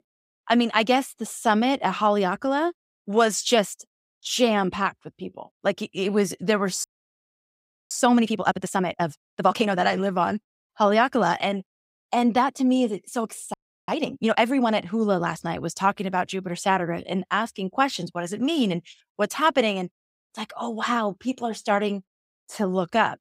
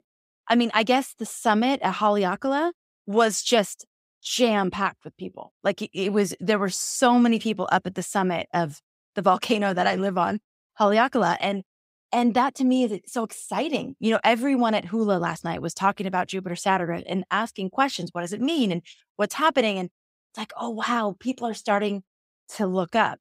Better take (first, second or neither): second